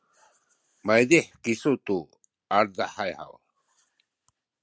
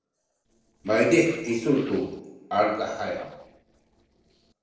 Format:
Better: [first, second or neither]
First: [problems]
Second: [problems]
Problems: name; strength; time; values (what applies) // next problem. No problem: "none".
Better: first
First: none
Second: noise reduction (neural separator model SepFormer DNS4)